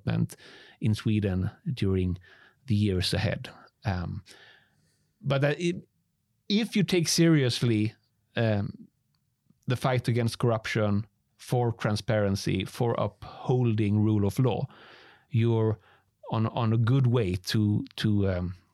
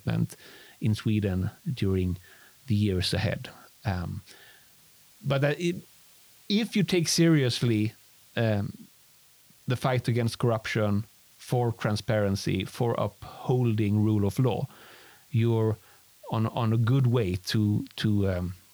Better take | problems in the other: first | hiss; faint; throughout; 25 dB below the speech

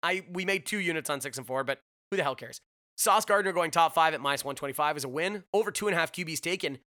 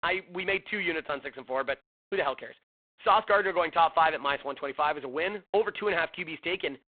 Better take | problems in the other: first | phone-call audio; poor line; nothing above 4 kHz

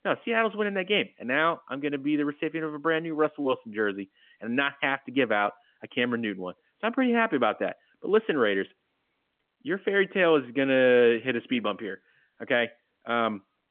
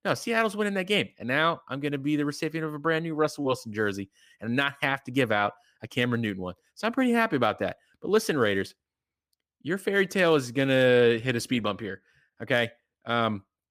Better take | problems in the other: second | phone-call audio; nothing above 3.5 kHz

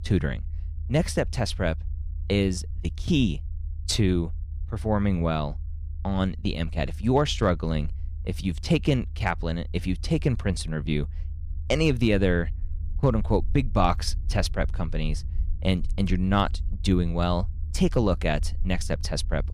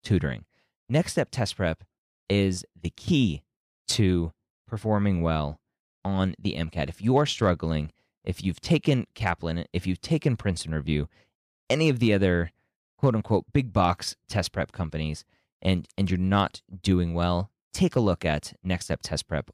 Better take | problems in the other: second | low rumble; faint; throughout; 25 dB below the speech

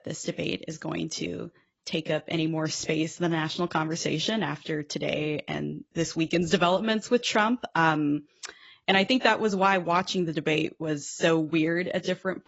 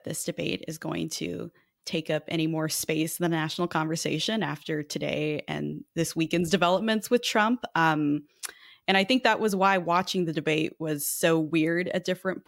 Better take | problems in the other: second | garbled, watery; badly; nothing above 7.5 kHz

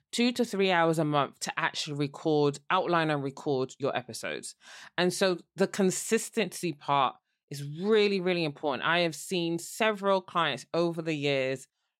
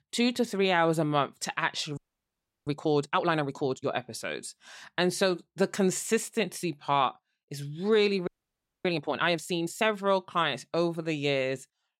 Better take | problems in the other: first | audio freezing; at 2 s for 0.5 s and at 8.5 s for 0.5 s

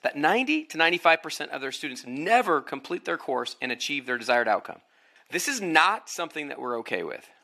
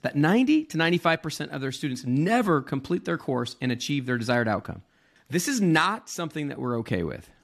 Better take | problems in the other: second | thin; somewhat; fading below 450 Hz

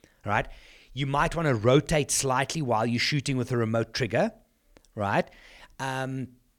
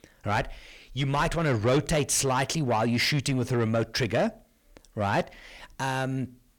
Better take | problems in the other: first | distortion; slight; 10 dB below the speech

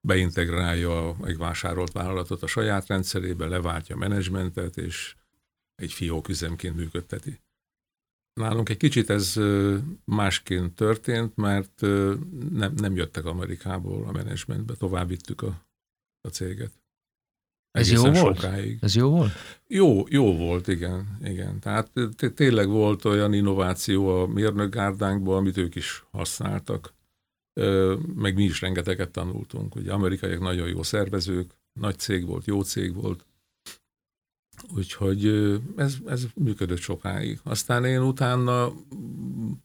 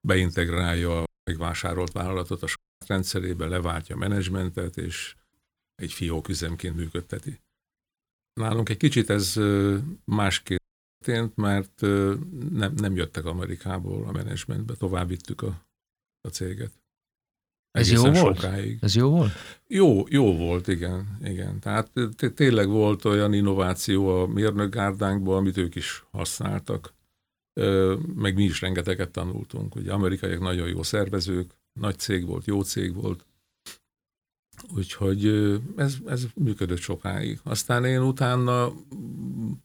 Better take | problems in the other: first | audio cutting out; at 1 s, at 2.5 s and at 11 s

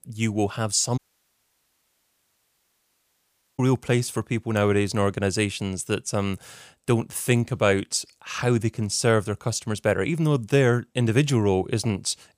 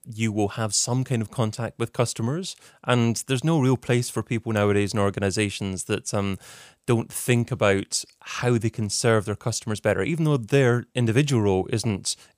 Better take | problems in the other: second | audio cutting out; at 1 s for 2.5 s

